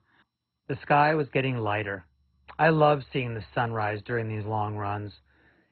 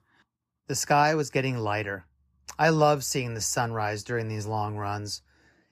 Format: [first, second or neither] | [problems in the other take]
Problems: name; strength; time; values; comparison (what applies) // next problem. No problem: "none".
second | garbled, watery; badly; nothing above 4 kHz